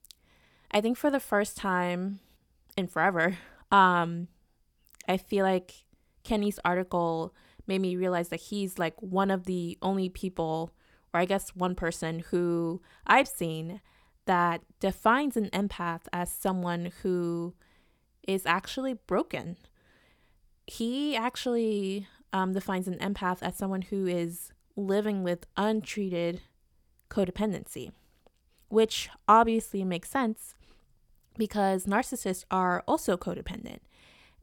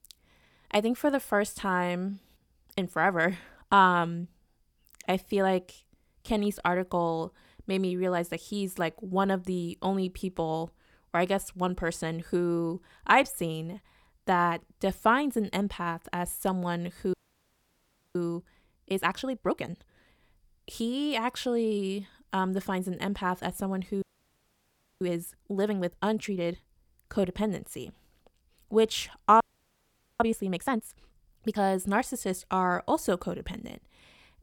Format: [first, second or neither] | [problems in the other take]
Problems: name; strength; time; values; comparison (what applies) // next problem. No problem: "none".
first | audio freezing; at 17 s for 1 s, at 24 s for 1 s and at 29 s for 1 s